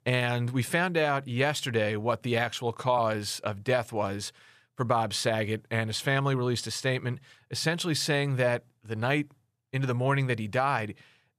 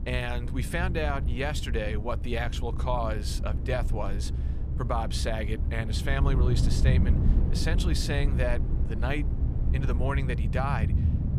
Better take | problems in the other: first | low rumble; loud; throughout; 9 dB below the speech

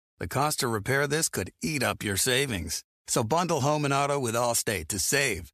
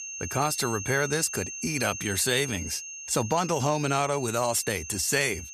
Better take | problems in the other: first | high-pitched whine; loud; throughout; 6.5 kHz, 9 dB below the speech

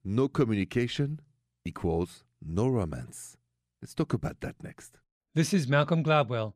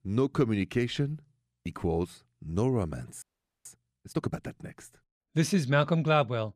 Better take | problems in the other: first | audio freezing; at 3 s

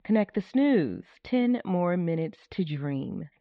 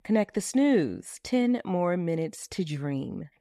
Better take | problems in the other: second | muffled; slightly; fading above 4 kHz

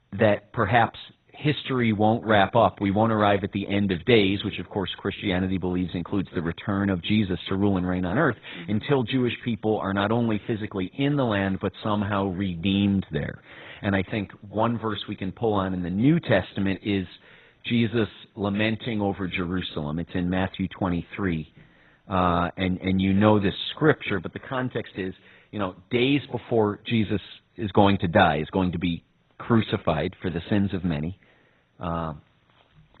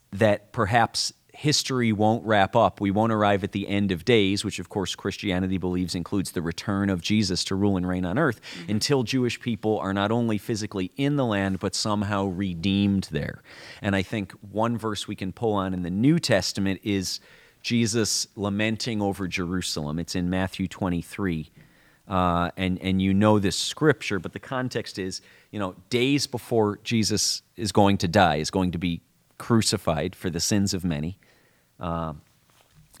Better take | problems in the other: second | garbled, watery; badly; nothing above 4 kHz

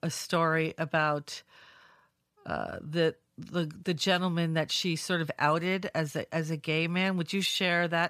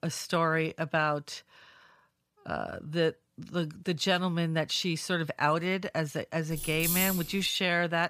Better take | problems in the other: first | jangling keys; loud; at 6.5 s; peak 2 dB above the speech

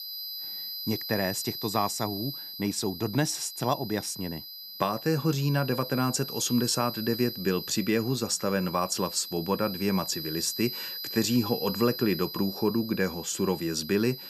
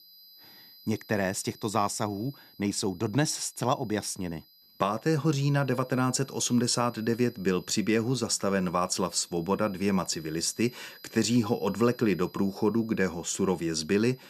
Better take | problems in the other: second | high-pitched whine; loud; throughout; 5 kHz, 8 dB below the speech; faint in the second

